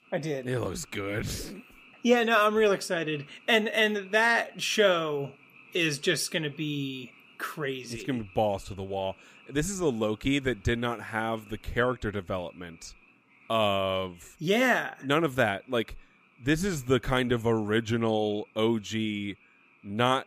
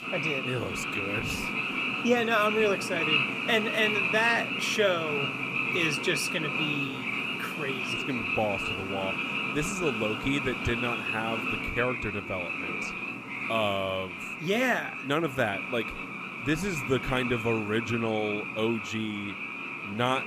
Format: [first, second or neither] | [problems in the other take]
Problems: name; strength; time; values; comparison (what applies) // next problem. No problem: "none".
first | animal sounds; loud; throughout; as loud as the speech; faint in the first